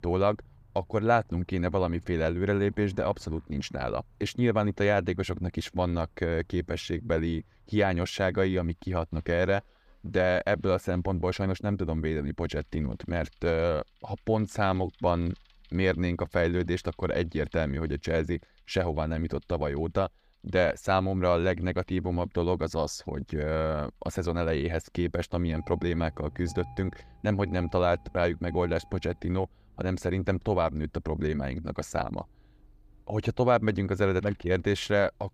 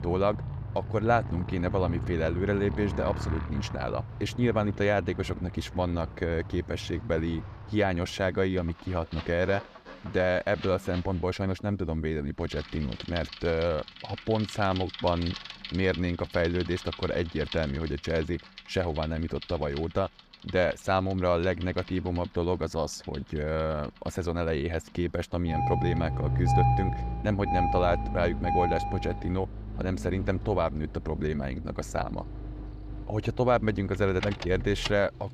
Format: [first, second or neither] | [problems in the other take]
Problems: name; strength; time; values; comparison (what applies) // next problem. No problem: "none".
first | traffic noise; loud; throughout; 6 dB below the speech; faint in the first